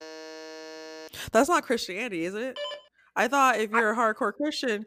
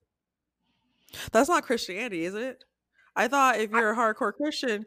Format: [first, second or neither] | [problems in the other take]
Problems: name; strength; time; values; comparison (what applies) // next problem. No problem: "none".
second | alarm; faint; until 1 s; peak 15 dB below the speech // phone ringing; faint; at 2.5 s; peak 10 dB below the speech